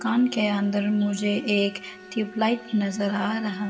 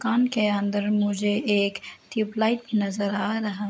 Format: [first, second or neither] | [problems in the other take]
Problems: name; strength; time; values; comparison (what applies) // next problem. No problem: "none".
second | background sound (Bowed string instrument); 19 dB below the speech // room echo; dies away in 2.3 s